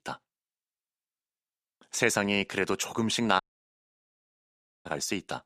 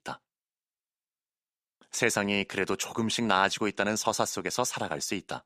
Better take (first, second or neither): second